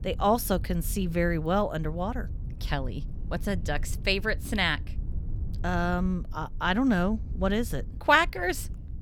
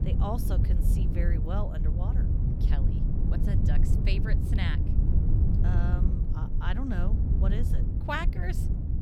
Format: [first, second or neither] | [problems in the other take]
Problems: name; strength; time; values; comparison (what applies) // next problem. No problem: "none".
first | low rumble; loud; throughout; 3 dB below the speech; faint in the first